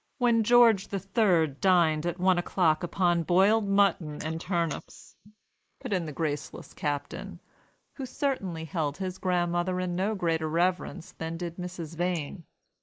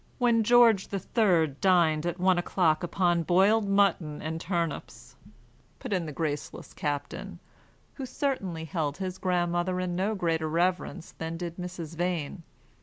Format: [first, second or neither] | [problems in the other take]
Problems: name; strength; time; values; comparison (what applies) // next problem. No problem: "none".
second | noise reduction (neural mask model Resemble Enhance denoiser)